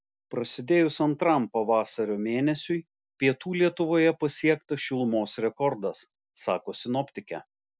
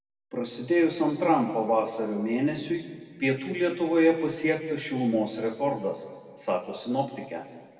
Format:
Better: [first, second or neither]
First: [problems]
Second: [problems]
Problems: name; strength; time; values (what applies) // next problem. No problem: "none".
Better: first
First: none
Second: room echo; dies away in 1.7 s